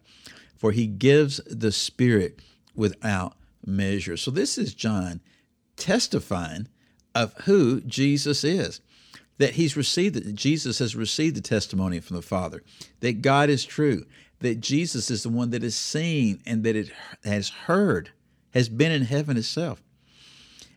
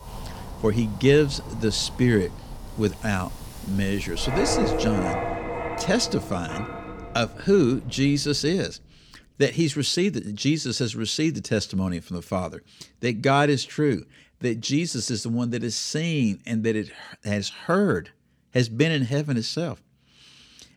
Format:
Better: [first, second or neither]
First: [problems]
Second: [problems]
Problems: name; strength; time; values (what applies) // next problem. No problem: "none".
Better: first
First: none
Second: wind in the background; loud; until 8 s; 8 dB below the speech